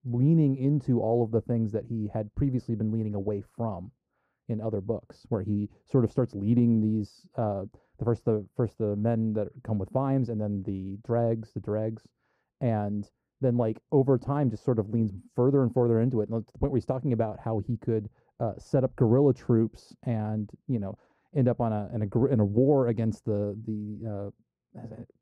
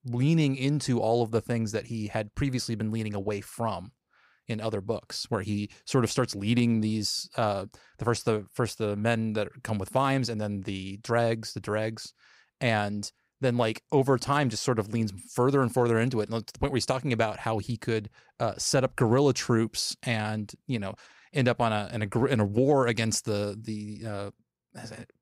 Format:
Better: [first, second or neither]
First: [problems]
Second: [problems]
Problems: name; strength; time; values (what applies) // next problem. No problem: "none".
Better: second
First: muffled; very; fading above 1.5 kHz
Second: none